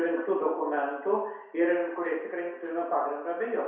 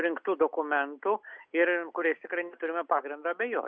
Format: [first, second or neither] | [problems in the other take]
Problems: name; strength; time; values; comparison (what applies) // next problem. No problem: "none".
second | room echo; dies away in 0.7 s